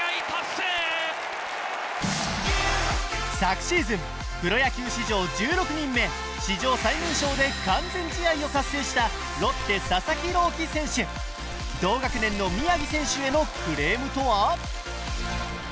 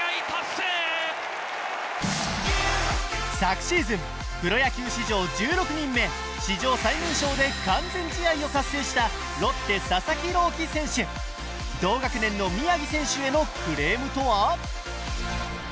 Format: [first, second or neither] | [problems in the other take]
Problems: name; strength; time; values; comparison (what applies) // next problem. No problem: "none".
second | background sound (Fireworks); 18 dB below the speech